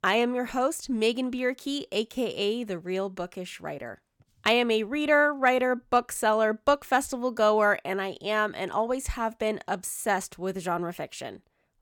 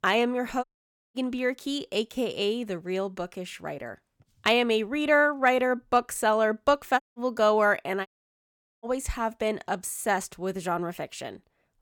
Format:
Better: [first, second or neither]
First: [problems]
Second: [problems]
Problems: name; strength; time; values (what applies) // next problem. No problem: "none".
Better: first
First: none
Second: audio cutting out; at 0.5 s, at 7 s and at 8 s for 1 s